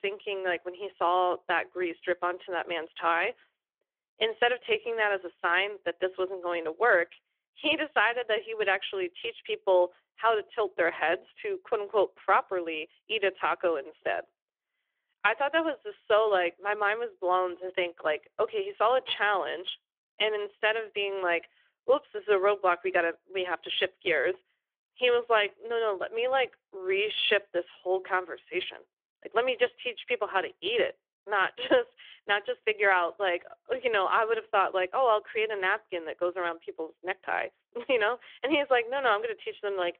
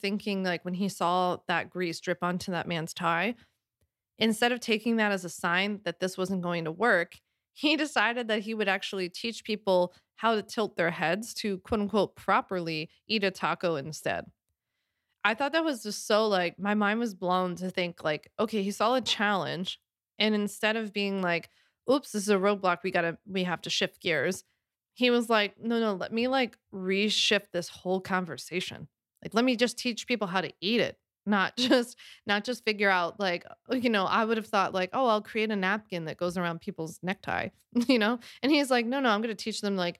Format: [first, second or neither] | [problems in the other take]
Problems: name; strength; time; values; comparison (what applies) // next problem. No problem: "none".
second | phone-call audio; nothing above 3.5 kHz